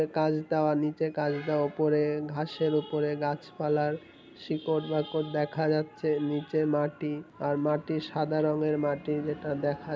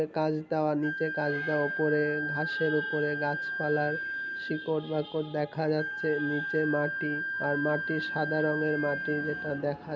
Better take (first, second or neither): first